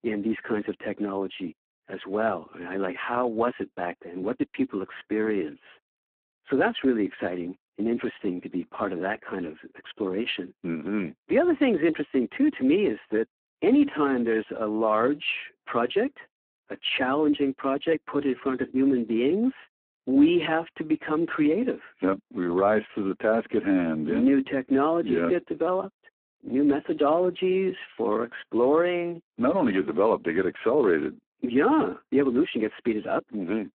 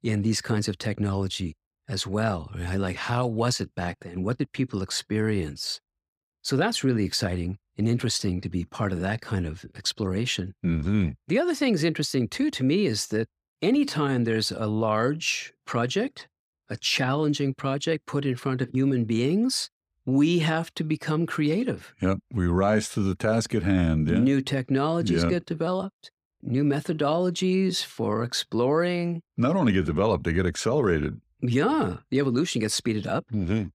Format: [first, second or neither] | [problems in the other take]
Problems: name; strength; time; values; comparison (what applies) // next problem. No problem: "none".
second | phone-call audio; poor line